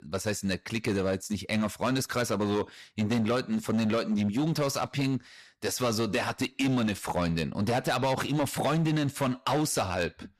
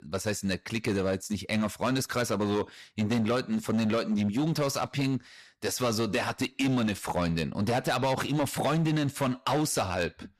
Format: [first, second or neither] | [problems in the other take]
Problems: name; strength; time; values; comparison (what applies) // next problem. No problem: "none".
neither | distortion; slight; 11% of the sound clipped; the same in both